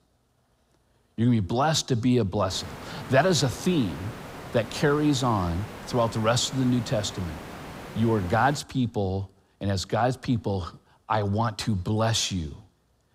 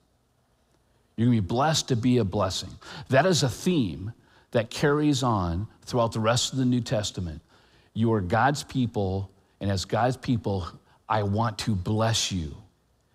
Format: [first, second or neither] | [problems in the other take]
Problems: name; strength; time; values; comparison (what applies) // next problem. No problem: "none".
second | hiss; noticeable; from 2.5 to 8.5 s; 15 dB below the speech